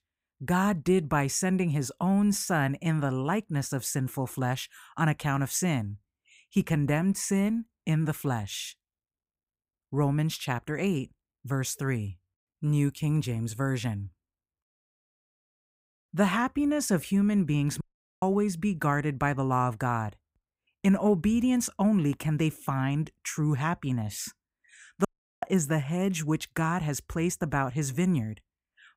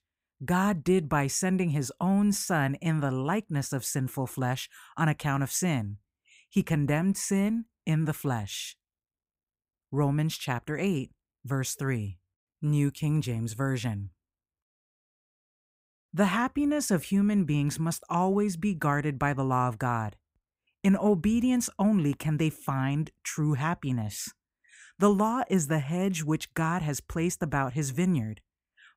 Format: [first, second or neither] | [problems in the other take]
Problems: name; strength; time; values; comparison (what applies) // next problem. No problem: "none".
second | audio cutting out; at 18 s and at 25 s